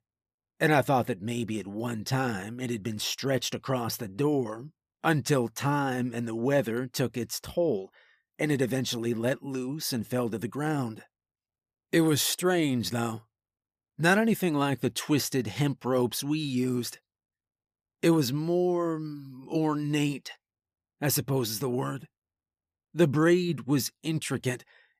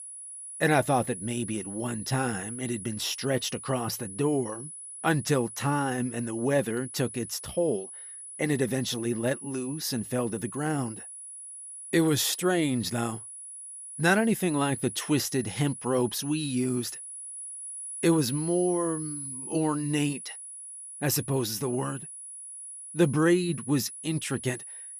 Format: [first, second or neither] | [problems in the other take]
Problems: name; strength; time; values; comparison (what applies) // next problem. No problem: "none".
first | high-pitched whine; loud; throughout; 10 kHz, 10 dB below the speech